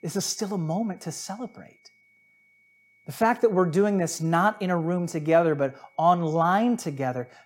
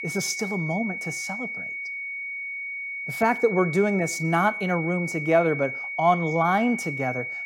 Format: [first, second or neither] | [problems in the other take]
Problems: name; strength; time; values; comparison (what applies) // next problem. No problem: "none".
first | high-pitched whine; loud; throughout; 2 kHz, 6 dB below the speech; faint in the first